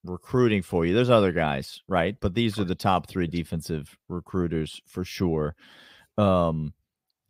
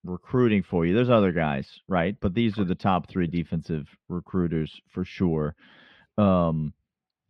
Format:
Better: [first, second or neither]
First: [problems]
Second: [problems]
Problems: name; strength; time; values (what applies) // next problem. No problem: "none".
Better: first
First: none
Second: muffled; slightly; fading above 2.5 kHz